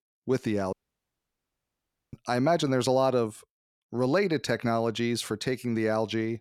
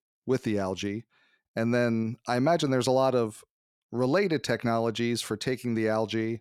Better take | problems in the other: second | audio cutting out; at 0.5 s for 1.5 s

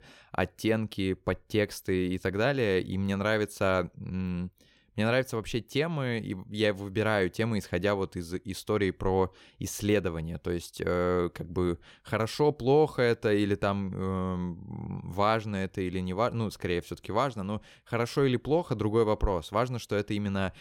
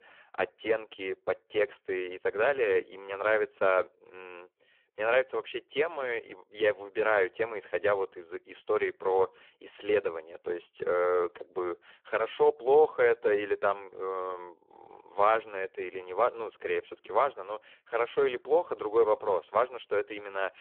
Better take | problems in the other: first | phone-call audio; poor line

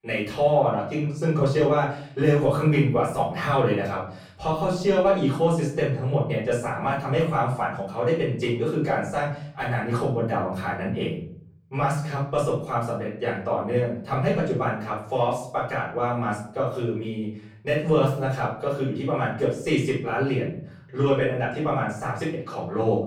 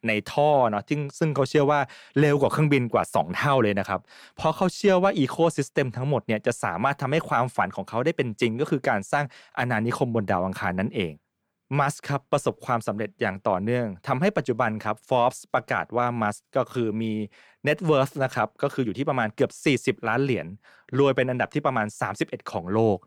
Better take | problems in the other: second | off-mic speech; far // room echo; noticeable; dies away in 0.6 s

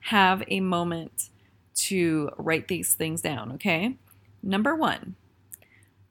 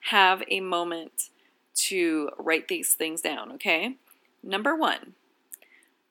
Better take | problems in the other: first | thin; somewhat; fading below 300 Hz

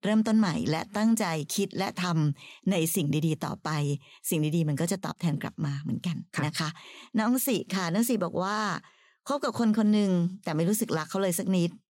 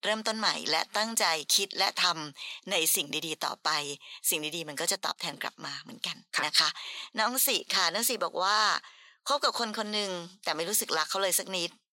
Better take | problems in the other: first | thin; very; fading below 700 Hz

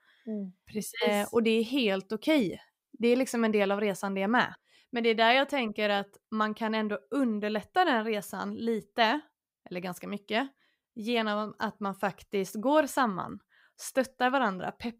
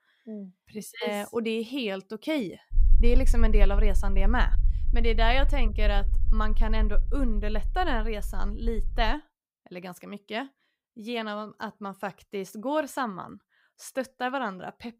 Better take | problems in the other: first | low rumble; faint; from 2.5 to 9 s; 20 dB below the speech

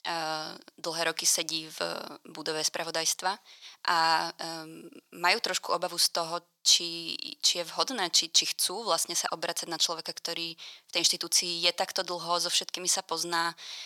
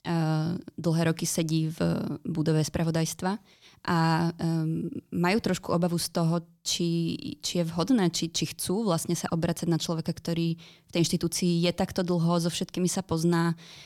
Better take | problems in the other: second | thin; very; fading below 800 Hz

